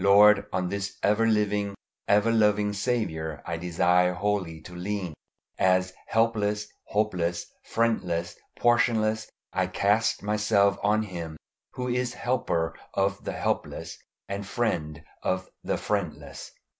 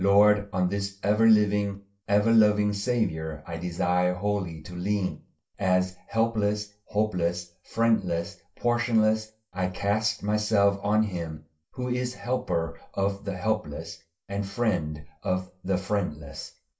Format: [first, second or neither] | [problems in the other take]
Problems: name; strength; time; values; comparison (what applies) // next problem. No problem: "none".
first | room echo; dies away in 0.2 s